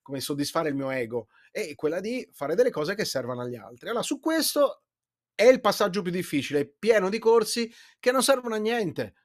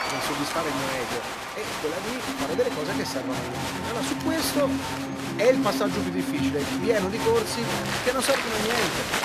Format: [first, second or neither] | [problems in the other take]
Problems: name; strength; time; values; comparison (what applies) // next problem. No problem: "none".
first | crowd noise; very loud; throughout; as loud as the speech